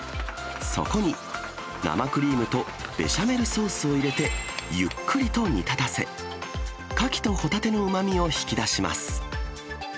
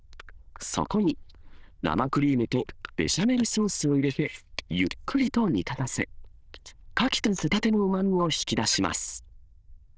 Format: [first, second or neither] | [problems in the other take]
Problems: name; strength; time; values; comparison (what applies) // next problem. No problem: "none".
first | noise reduction (neural diffusion model UNIVERSE++)